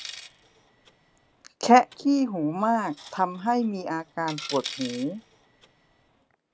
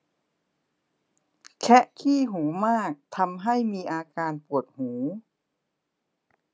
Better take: second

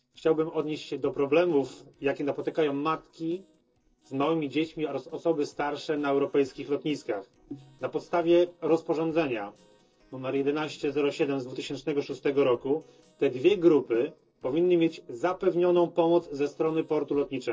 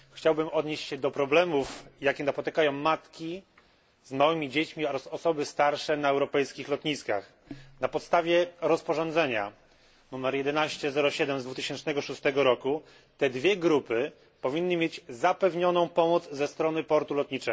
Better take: second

